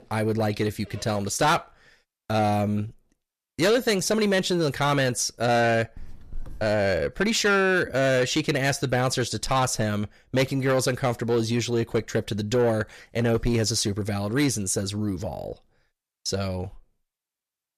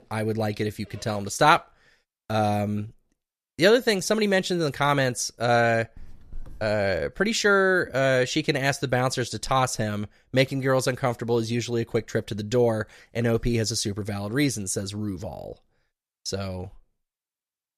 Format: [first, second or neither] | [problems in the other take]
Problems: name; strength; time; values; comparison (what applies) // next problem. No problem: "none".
second | distortion; slight; 10 dB below the speech